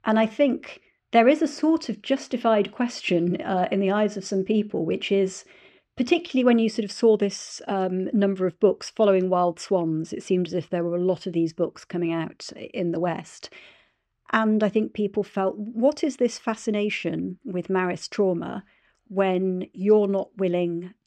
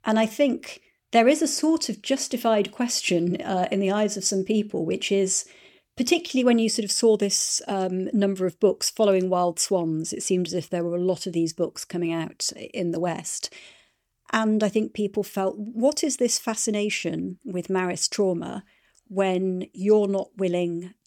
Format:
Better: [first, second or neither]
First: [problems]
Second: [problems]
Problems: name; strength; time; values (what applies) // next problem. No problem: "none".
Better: second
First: muffled; slightly; fading above 3 kHz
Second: none